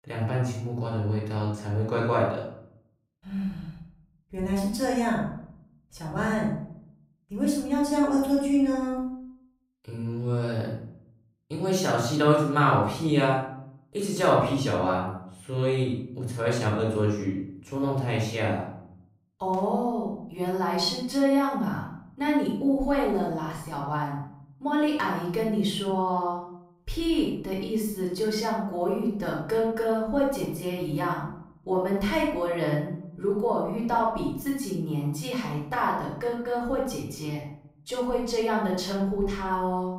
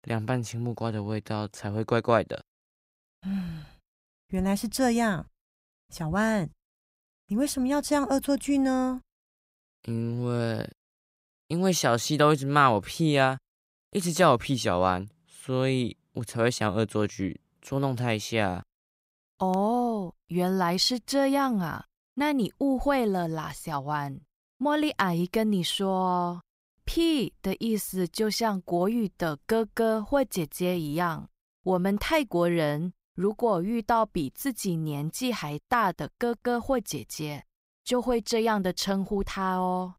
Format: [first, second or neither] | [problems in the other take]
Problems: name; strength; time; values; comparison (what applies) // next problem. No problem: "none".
second | off-mic speech; far // room echo; noticeable; dies away in 0.6 s